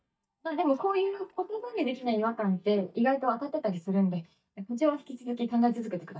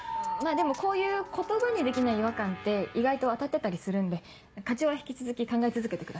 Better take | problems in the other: second | noise reduction (neural mask model DeepFilterNet 3)

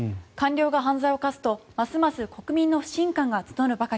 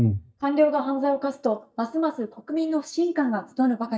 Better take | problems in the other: first | noise reduction (neural mask model DeepFilterNet 3)

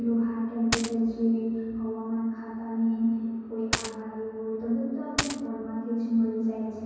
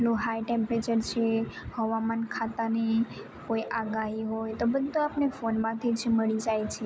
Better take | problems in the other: second | background sound (Coin (dropping)); 1 dB below the speech // room echo; dies away in 2.2 s

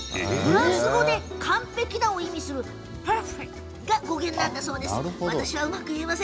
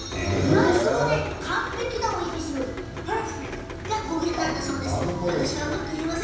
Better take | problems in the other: first | background sound (Rain); 11 dB below the speech // room echo; dies away in 0.9 s

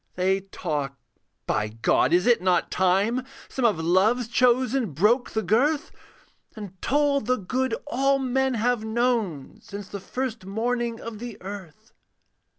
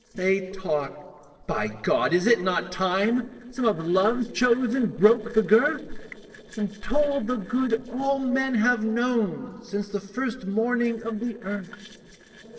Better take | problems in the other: first | noise reduction (neural separator model SepFormer DNS4)

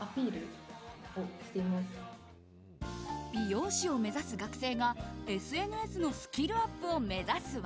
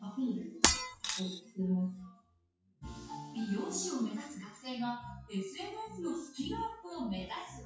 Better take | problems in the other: first | noise reduction (classical method WPE with log-MMSE)

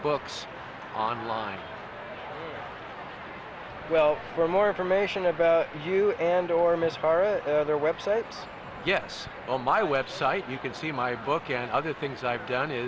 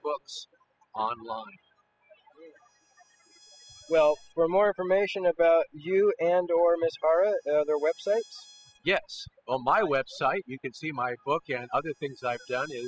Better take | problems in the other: first | noise reduction (classical method spectral subtraction)

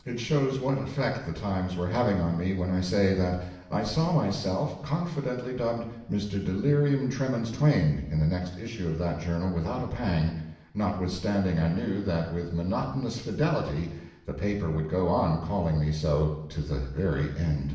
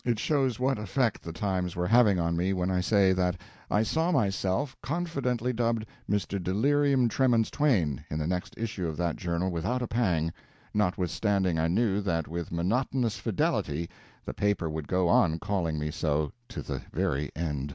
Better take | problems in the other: second | room echo; dies away in 0.8 s

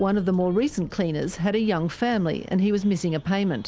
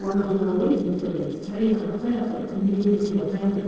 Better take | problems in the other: first | noise reduction (neural separator model SepFormer DNS4)

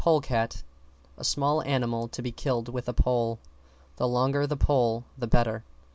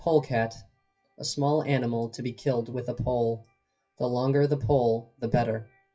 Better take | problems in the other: first | noise reduction (classical method WPE with log-MMSE)

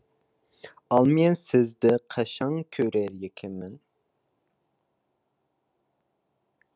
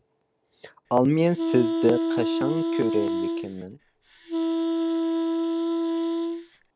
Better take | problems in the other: first | background sound (Wind instrument, woodwind instrument); 2 dB above the speech

